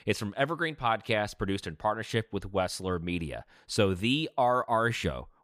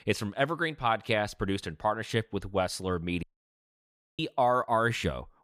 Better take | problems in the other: first | audio cutting out; at 3 s for 1 s

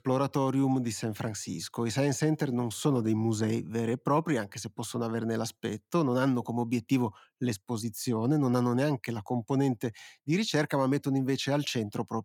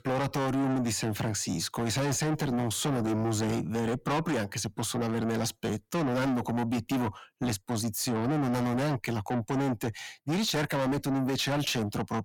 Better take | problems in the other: first | distortion; heavy; 6 dB below the speech

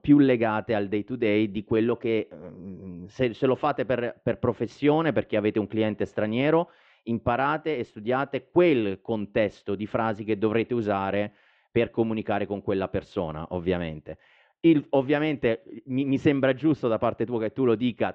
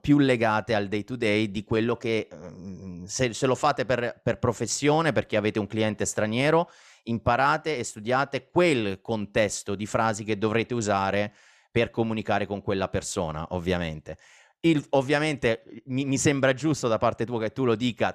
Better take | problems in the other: second | muffled; very; fading above 3 kHz

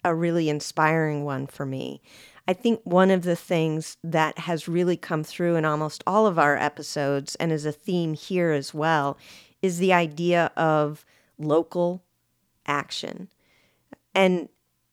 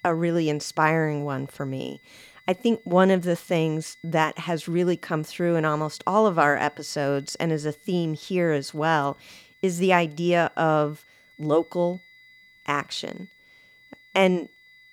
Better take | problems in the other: first | high-pitched whine; faint; throughout; 2 kHz, 30 dB below the speech

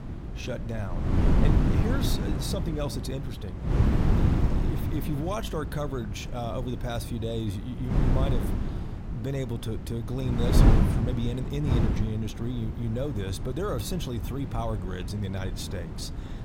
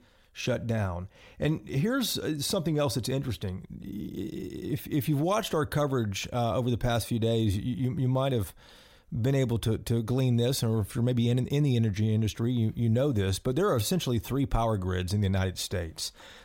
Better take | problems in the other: second | wind noise on the microphone; heavy; 2 dB below the speech

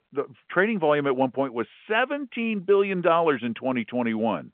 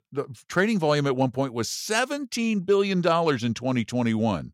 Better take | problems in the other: second | phone-call audio

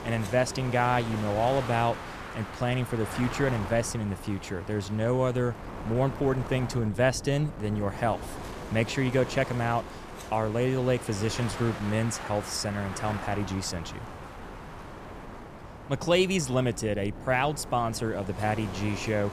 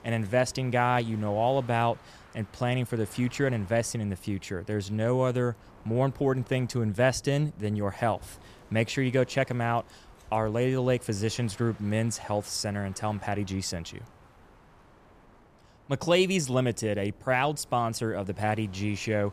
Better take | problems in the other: second | wind noise on the microphone; heavy; 10 dB below the speech; occasional gusts in the second

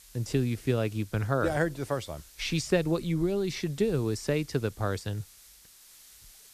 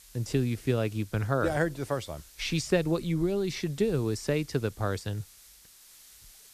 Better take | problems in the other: neither | hiss; faint; throughout; 20 dB below the speech; the same in both

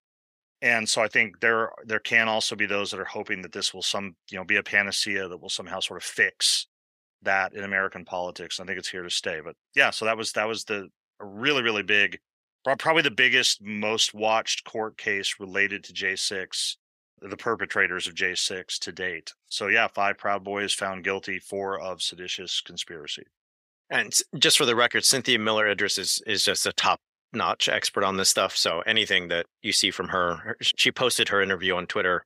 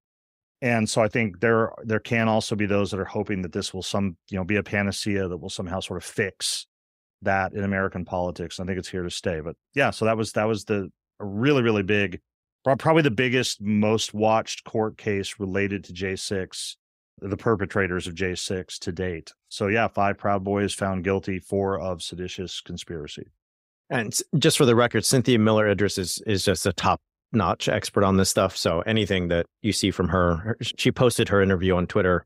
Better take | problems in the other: second | thin; somewhat; fading below 800 Hz

